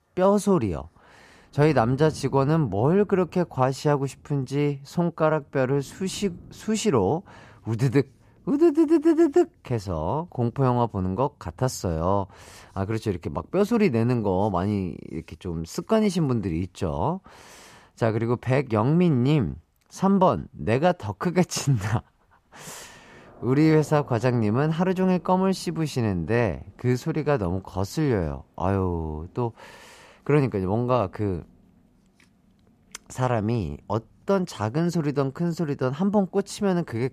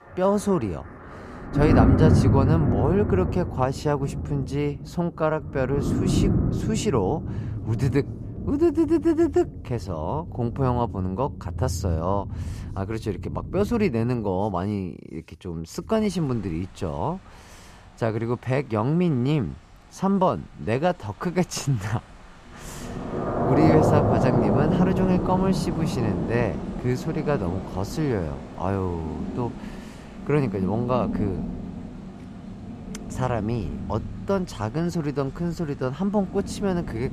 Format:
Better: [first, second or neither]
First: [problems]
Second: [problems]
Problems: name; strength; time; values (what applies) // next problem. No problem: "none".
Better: first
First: rain or running water; faint; throughout; 25 dB below the speech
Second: rain or running water; loud; throughout; 2 dB below the speech